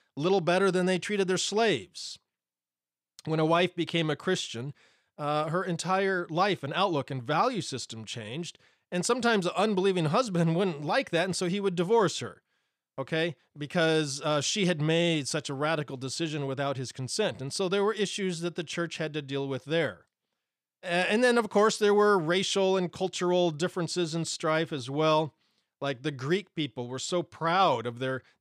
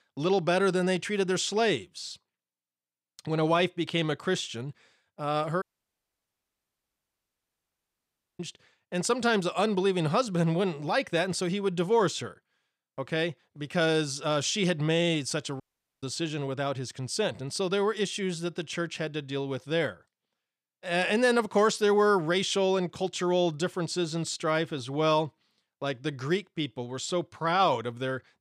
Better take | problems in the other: first | audio cutting out; at 5.5 s for 3 s and at 16 s

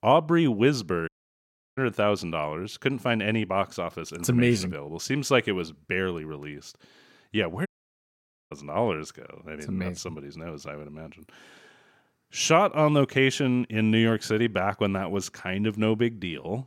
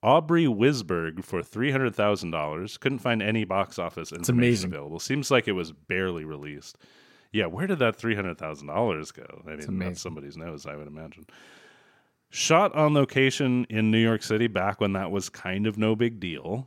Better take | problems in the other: second | audio cutting out; at 1 s for 0.5 s and at 7.5 s for 1 s

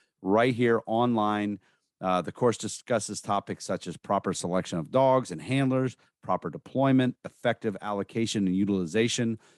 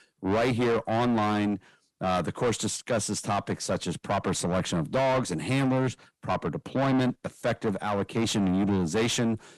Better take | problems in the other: first | distortion; heavy; 6 dB below the speech

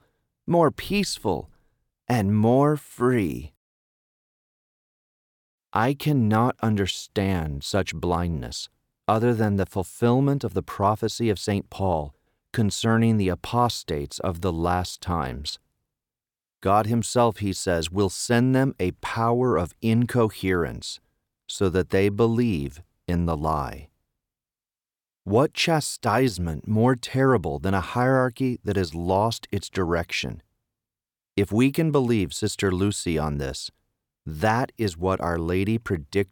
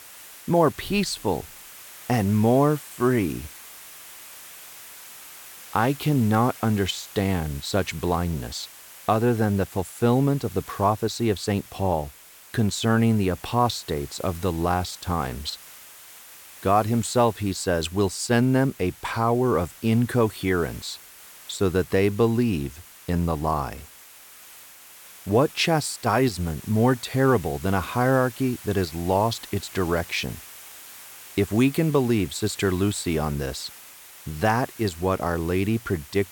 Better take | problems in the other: first | hiss; noticeable; throughout; 20 dB below the speech

